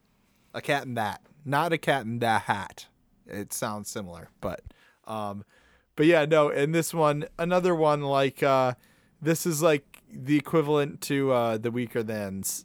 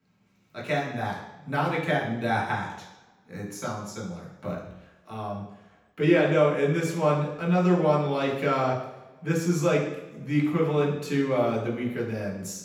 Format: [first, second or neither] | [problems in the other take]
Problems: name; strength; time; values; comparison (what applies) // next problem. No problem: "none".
first | room echo; noticeable; dies away in 0.9 s // off-mic speech; far